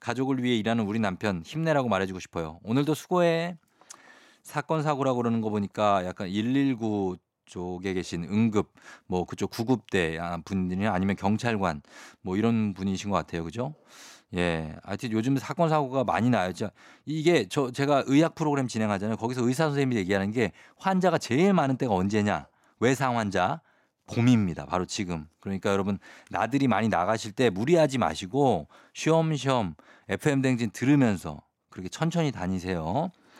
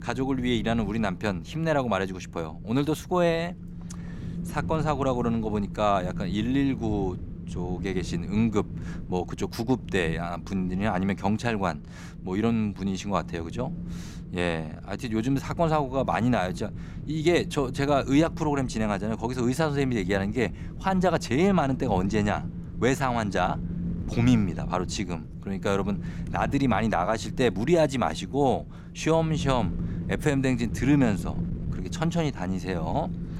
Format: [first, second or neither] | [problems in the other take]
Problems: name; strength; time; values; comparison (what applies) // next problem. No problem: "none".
first | wind noise on the microphone; occasional gusts; 15 dB below the speech